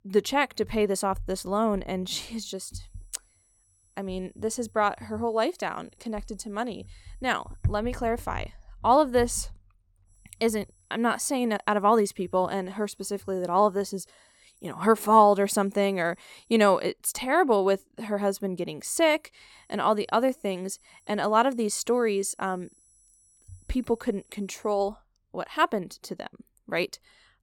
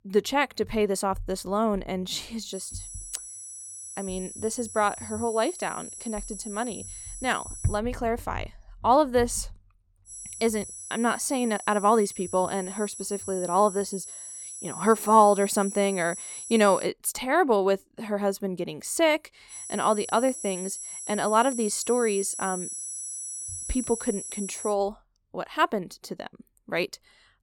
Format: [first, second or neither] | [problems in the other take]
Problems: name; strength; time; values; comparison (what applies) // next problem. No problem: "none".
first | high-pitched whine; loud; from 2.5 to 8 s, from 10 to 17 s and from 20 to 25 s; 10.5 kHz, 10 dB below the speech; faint in the first